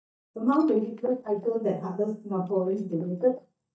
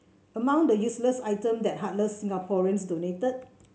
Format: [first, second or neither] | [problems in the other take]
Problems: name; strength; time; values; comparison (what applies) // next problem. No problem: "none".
second | noise reduction (neural mask model DeepFilterNet 3)